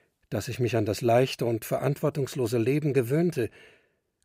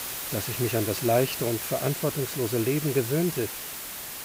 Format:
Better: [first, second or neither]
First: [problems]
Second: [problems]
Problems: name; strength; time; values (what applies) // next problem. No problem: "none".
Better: first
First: none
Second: hiss; loud; throughout; 4 dB below the speech